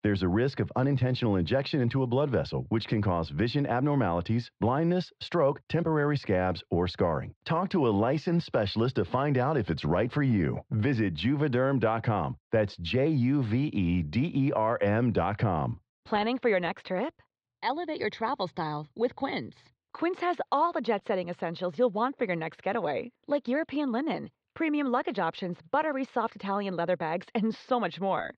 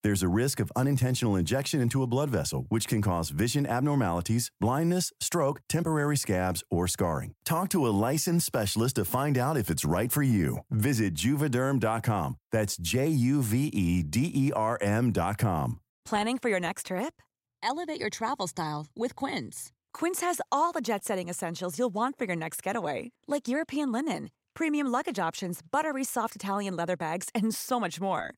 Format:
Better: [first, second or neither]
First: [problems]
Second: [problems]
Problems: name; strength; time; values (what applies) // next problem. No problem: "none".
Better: second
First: muffled; slightly; fading above 4 kHz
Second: none